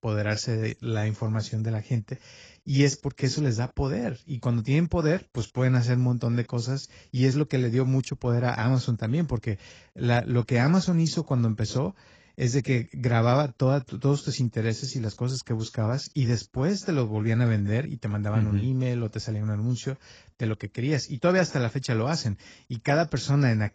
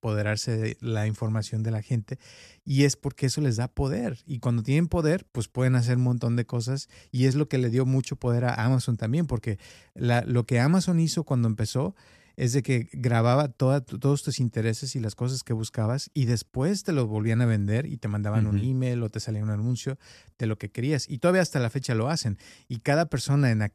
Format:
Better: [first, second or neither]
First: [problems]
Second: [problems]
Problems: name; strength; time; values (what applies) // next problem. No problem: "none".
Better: second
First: garbled, watery; badly; nothing above 7.5 kHz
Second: none